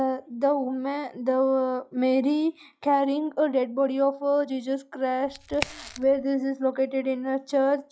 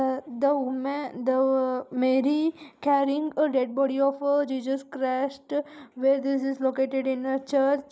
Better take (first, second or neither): second